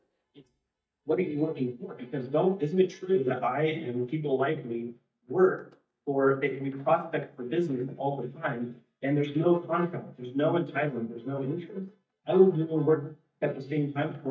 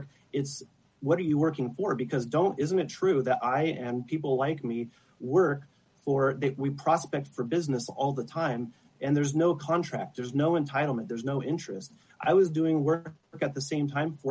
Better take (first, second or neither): second